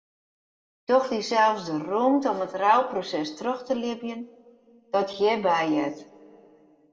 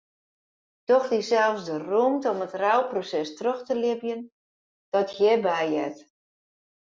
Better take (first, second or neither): second